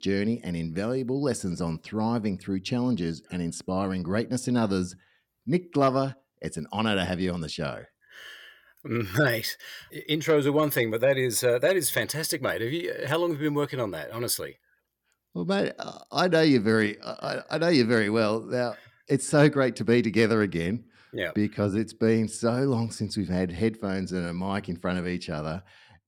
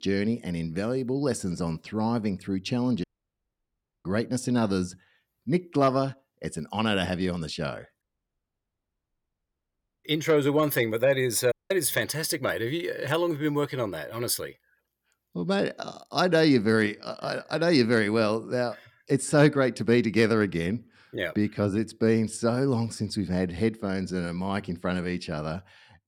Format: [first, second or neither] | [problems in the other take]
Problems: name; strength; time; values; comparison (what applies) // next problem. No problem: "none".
first | audio cutting out; at 3 s for 1 s, at 8 s for 2 s and at 12 s